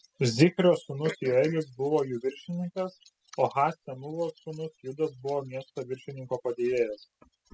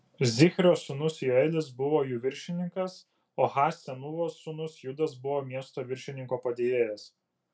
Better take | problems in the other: second | noise reduction (classical method spectral subtraction)

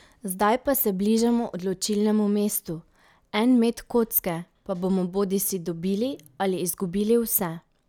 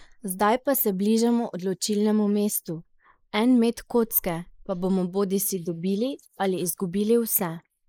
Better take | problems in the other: first | noise reduction (neural mask model Resemble Enhance denoiser)

